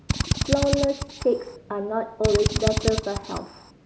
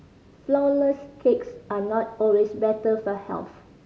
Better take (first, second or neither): second